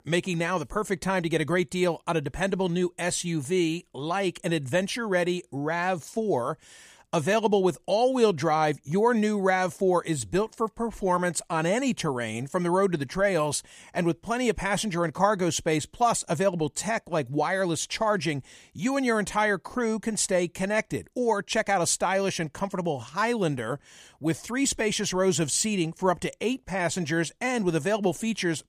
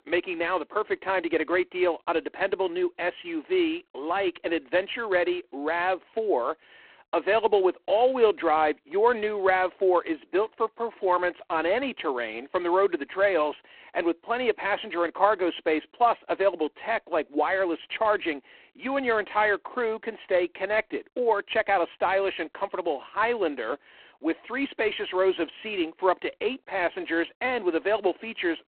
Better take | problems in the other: first | phone-call audio; poor line

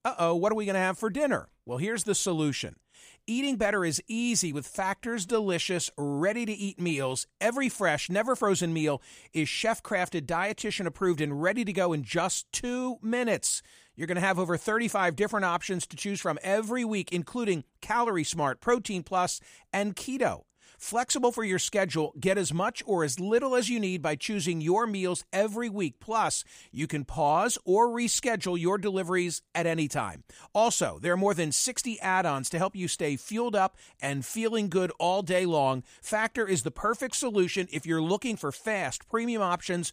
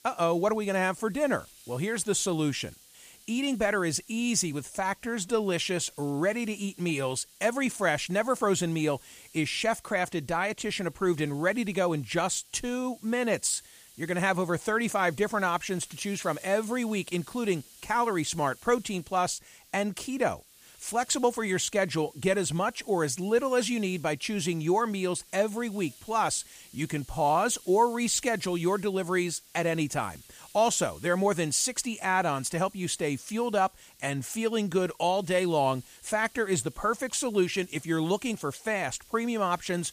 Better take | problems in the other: first | hiss; faint; throughout; 25 dB below the speech

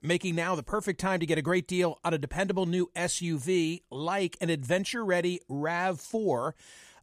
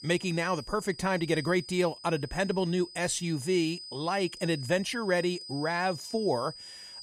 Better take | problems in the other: first | high-pitched whine; noticeable; throughout; 5 kHz, 15 dB below the speech

